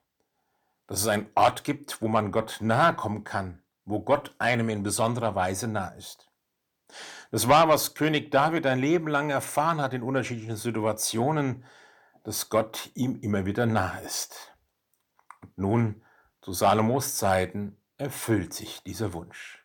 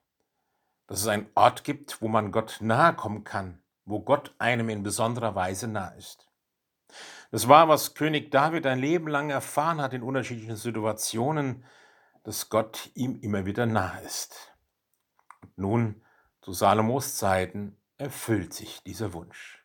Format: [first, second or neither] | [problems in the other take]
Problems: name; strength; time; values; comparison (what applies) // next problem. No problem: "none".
second | distortion; slight; 10 dB below the speech